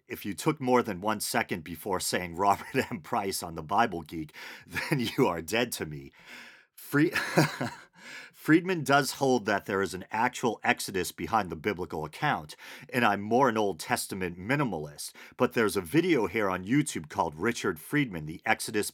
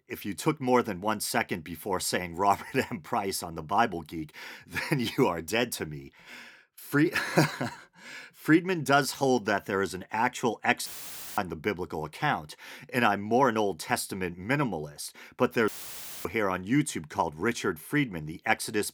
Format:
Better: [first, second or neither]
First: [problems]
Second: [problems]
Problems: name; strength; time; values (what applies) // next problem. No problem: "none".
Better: first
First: none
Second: audio cutting out; filled with static; at 11 s for 0.5 s and at 16 s for 0.5 s